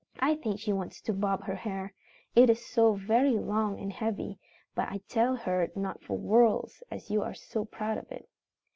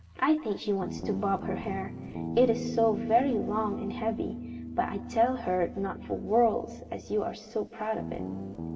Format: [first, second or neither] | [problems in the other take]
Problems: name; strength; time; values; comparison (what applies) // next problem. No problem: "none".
first | background sound (Guitar); 8 dB below the speech // room echo; dies away in 2.9 s